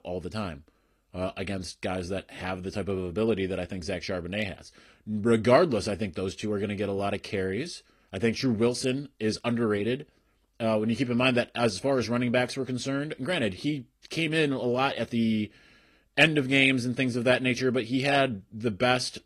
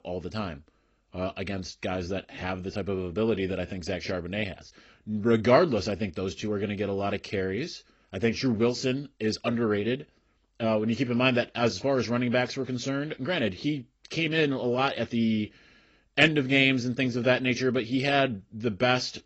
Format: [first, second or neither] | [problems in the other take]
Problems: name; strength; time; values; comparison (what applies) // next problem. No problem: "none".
first | garbled, watery; badly; nothing above 6.5 kHz; slightly in the first